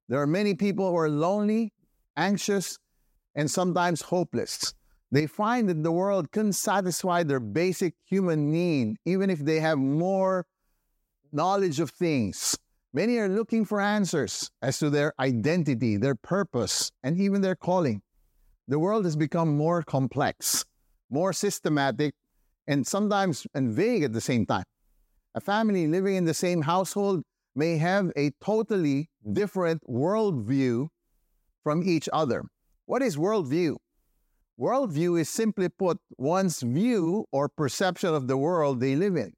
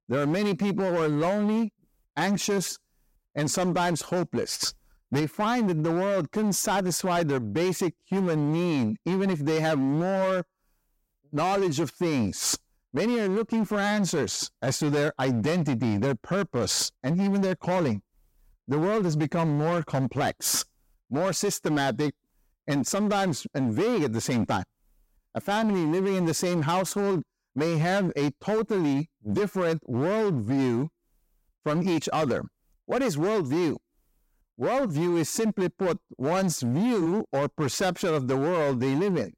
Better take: first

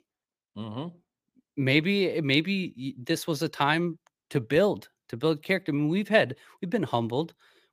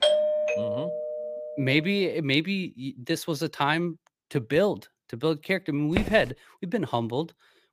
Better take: first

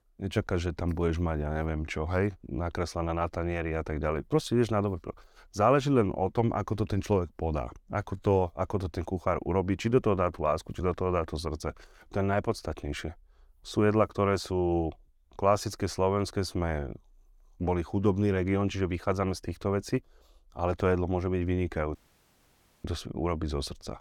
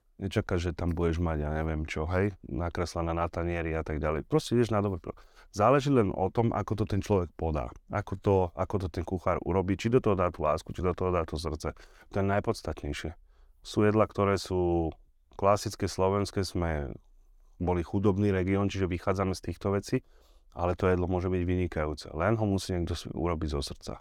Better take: second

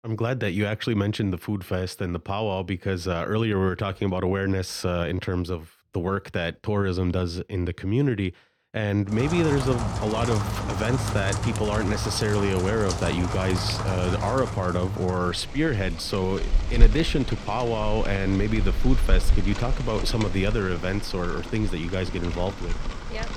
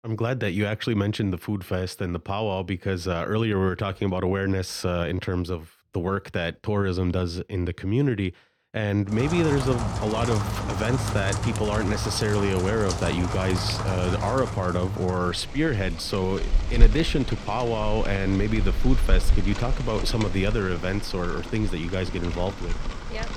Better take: neither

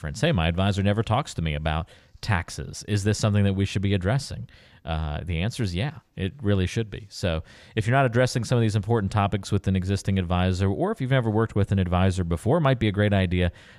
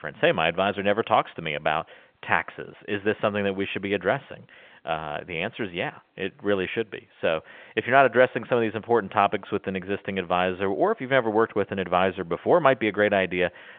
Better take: first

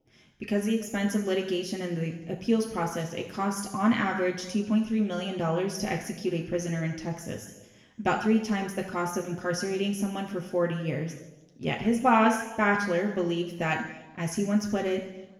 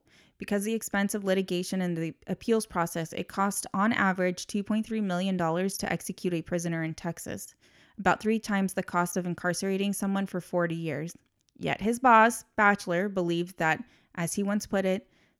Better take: second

